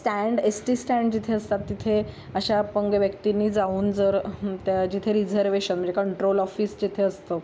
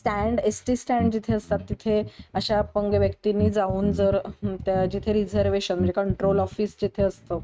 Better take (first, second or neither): first